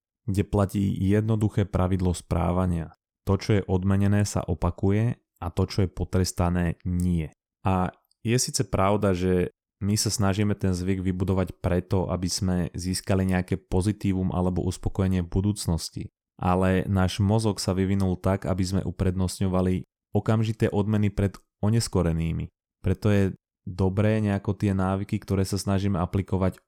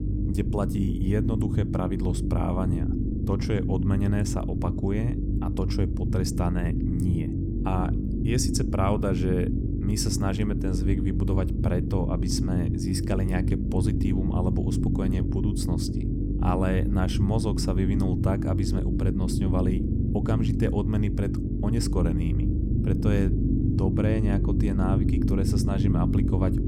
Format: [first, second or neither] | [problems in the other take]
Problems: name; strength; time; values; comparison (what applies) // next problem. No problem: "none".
first | low rumble; loud; throughout; 2 dB below the speech